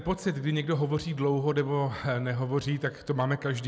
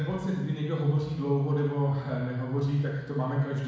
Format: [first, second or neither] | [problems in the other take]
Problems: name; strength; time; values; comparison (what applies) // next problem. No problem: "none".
first | room echo; dies away in 1.1 s